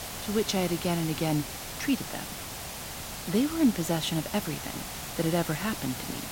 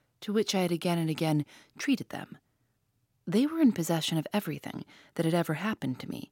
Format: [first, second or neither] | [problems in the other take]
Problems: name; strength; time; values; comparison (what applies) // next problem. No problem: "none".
second | hiss; loud; throughout; 7 dB below the speech